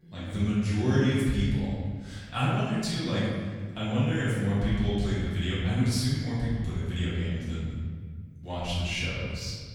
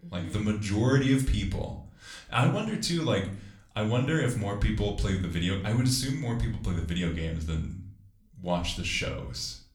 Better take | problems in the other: second | room echo; strong; dies away in 1.5 s; slight in the second // off-mic speech; far; somewhat distant in the second

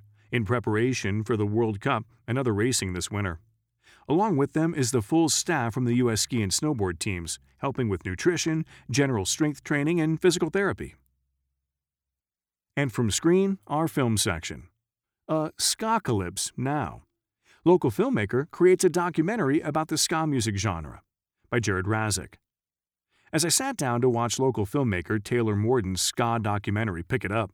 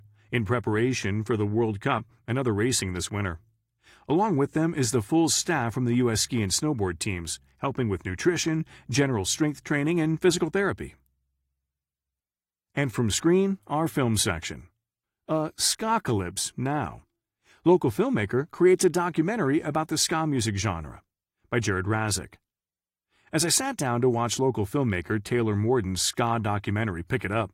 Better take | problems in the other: first | garbled, watery; slightly; nothing above 14.5 kHz

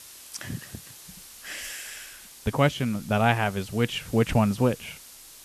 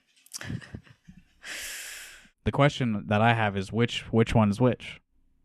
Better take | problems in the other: second | hiss; noticeable; throughout; 20 dB below the speech

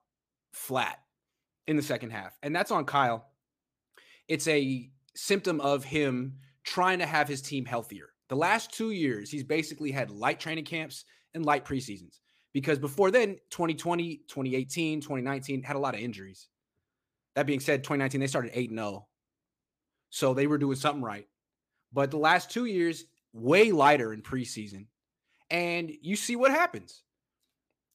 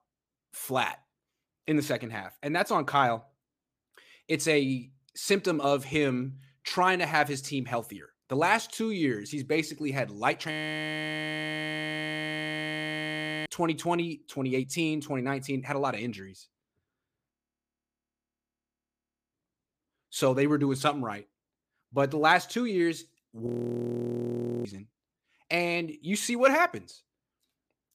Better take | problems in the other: first | audio freezing; at 11 s for 3 s, at 17 s for 2 s and at 23 s for 1 s

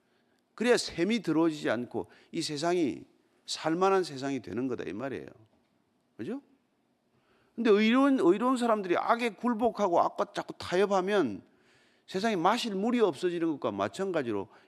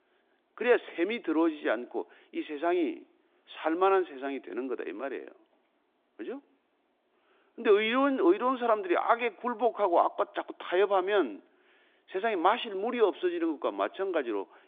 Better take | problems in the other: first | phone-call audio; nothing above 3.5 kHz

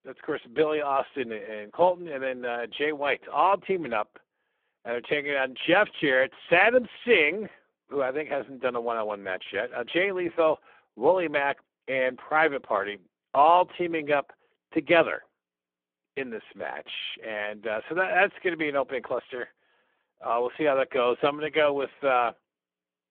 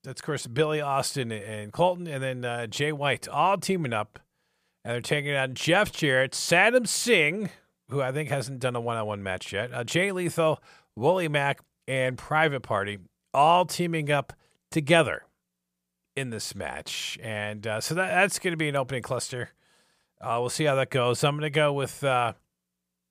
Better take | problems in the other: second | phone-call audio; poor line

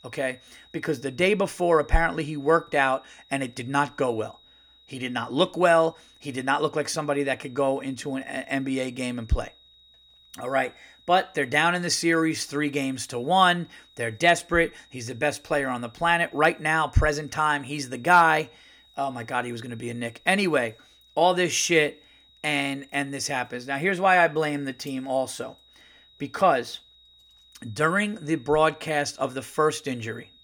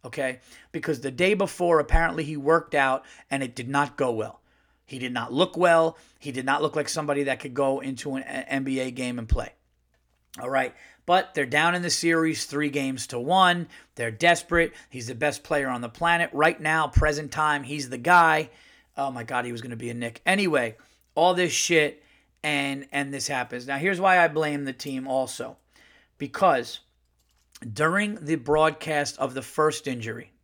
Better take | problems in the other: second | high-pitched whine; faint; throughout; 4 kHz, 30 dB below the speech

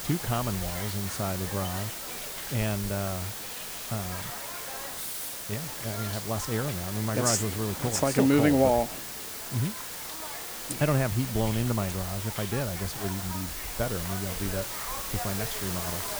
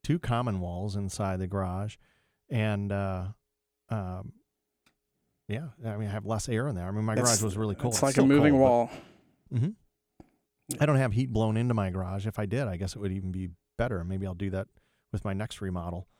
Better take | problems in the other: second | hiss; loud; throughout; 4 dB below the speech

